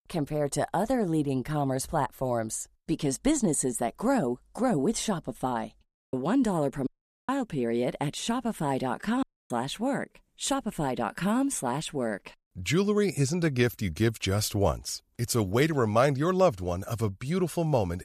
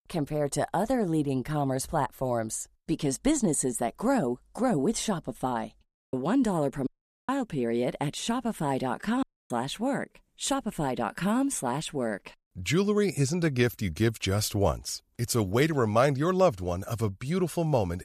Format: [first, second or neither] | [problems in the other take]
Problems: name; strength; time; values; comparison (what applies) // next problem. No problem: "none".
neither | audio cutting out; at 6 s, at 7 s and at 9 s; the same in both